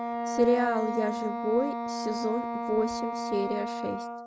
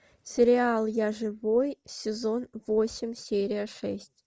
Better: second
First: background sound (Wind instrument, woodwind instrument); 3 dB below the speech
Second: none

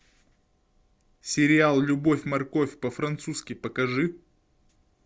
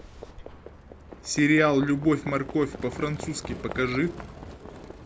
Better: first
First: none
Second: background sound (Livestock, farm animals, working animals); 13 dB below the speech

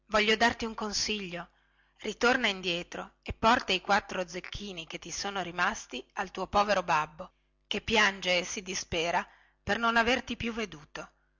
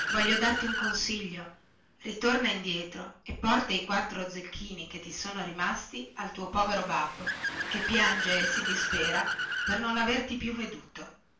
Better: first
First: none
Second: background sound (Accelerating, revving, vroom / Car); 4 dB below the speech // room echo; dies away in 0.4 s

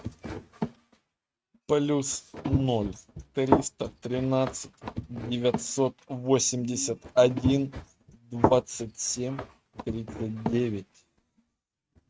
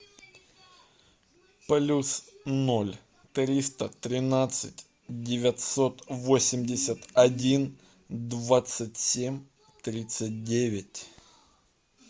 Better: second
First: noise reduction (neural mask model RNNoise)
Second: none

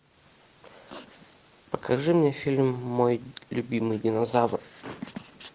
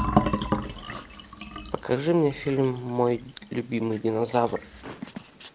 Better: first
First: none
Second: background sound (Fill (with liquid)); 4 dB below the speech

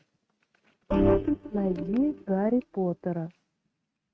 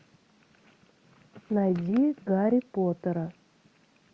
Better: second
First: noise reduction (neural mask model RNNoise)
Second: none

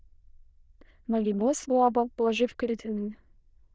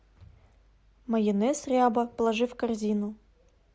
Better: second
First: noise reduction (neural diffusion model UNIVERSE++)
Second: none

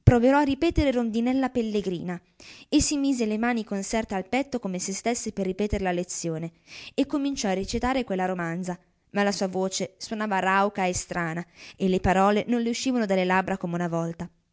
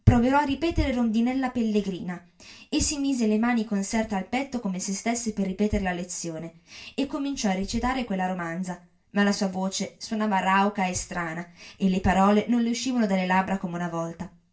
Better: first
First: none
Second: room echo; dies away in 0.2 s

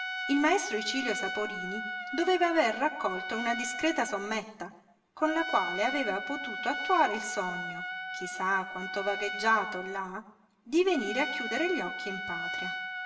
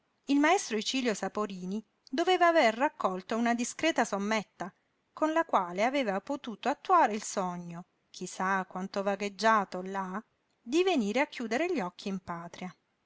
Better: second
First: background sound (Trumpet); 6 dB below the speech // room echo; dies away in 0.8 s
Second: none

